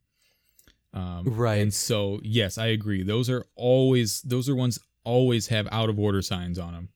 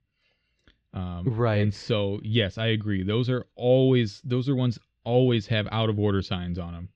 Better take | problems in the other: first | muffled; slightly; fading above 4 kHz

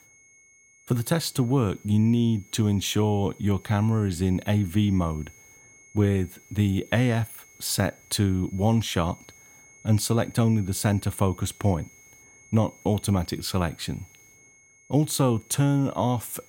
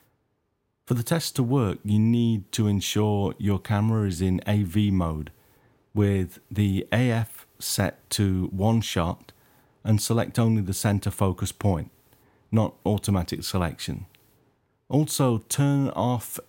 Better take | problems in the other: second | high-pitched whine; faint; throughout; 2 kHz, 25 dB below the speech

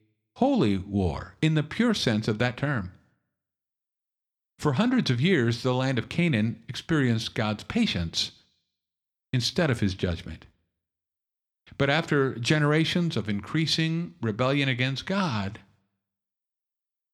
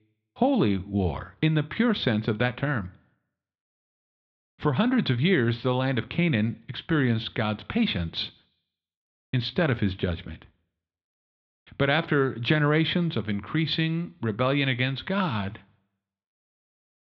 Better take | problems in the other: first | muffled; slightly; fading above 3.5 kHz

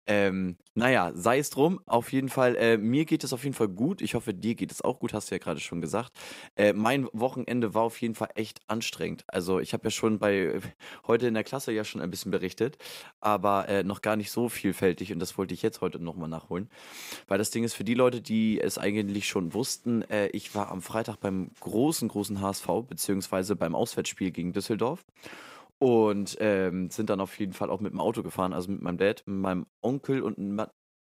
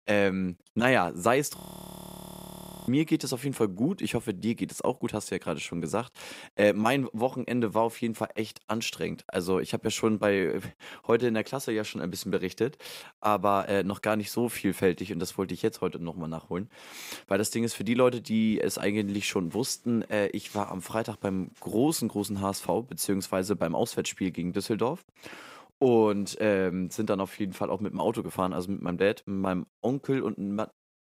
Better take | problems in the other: first | audio freezing; at 1.5 s for 1.5 s

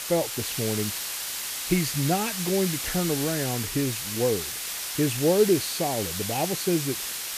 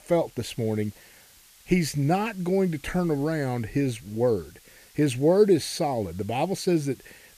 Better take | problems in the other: second | hiss; loud; throughout; 2 dB below the speech; faint in the second

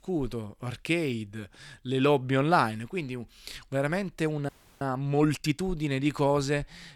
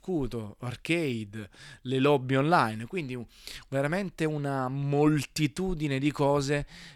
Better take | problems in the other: second | audio freezing; at 4.5 s

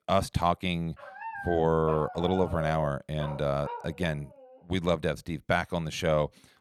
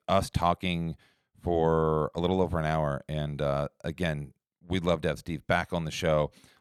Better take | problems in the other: second | dog barking; noticeable; from 1 to 4.5 s; peak 8 dB below the speech

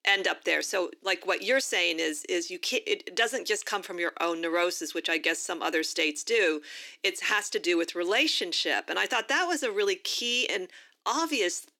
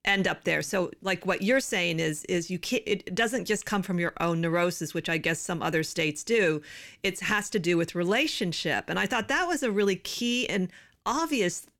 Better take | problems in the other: second | thin; somewhat; fading below 300 Hz

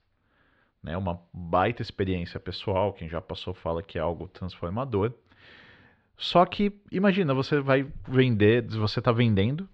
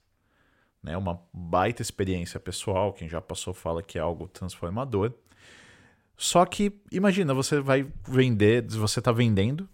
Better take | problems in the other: second | muffled; very slightly; fading above 4 kHz

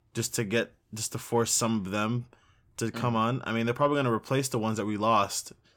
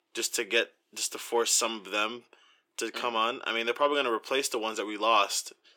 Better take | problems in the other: first | thin; somewhat; fading below 350 Hz

